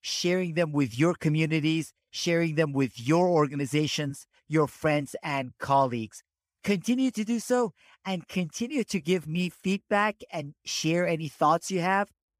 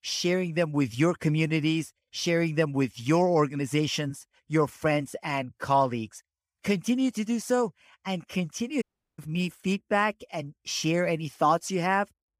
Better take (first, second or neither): first